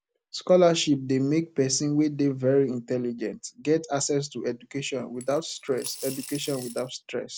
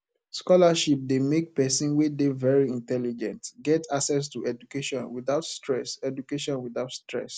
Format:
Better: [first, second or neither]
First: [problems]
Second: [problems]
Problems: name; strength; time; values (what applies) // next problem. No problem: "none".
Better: second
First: background sound (Coin (dropping) / Glass); 15 dB below the speech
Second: none